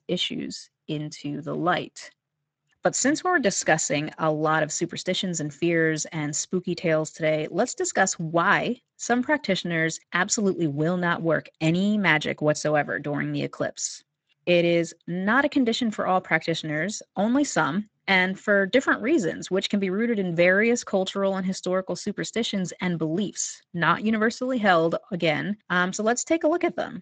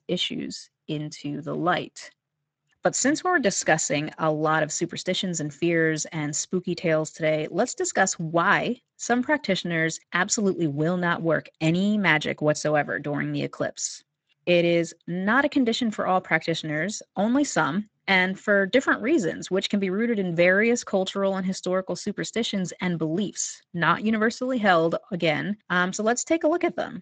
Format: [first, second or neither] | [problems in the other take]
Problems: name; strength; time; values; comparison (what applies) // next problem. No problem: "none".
neither | garbled, watery; slightly; nothing above 7.5 kHz; the same in both